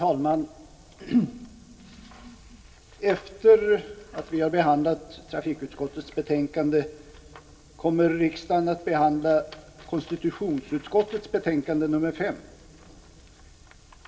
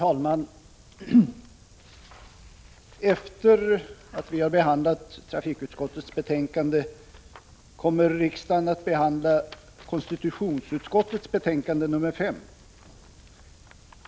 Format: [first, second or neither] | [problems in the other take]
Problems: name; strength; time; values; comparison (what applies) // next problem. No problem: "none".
second | room echo; dies away in 1.9 s